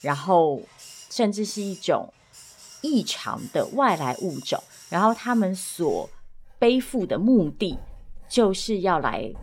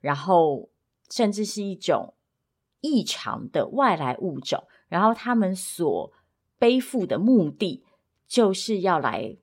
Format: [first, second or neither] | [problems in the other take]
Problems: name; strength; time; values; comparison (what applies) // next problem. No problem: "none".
second | household noises; faint; throughout; 20 dB below the speech